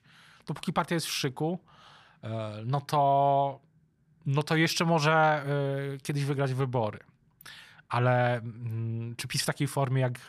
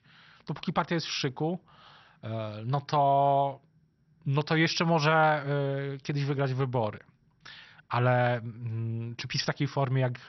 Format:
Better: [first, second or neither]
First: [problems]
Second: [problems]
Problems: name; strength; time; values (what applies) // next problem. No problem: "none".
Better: first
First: none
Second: garbled, watery; slightly; nothing above 6 kHz